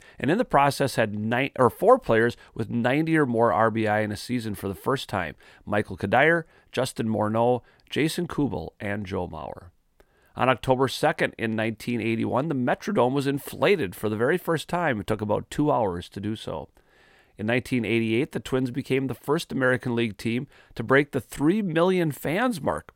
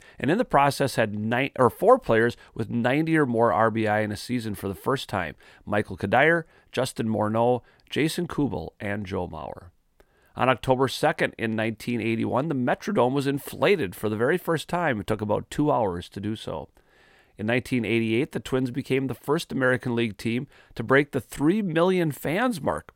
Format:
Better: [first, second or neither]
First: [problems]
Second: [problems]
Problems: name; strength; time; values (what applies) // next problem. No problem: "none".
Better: neither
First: none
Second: none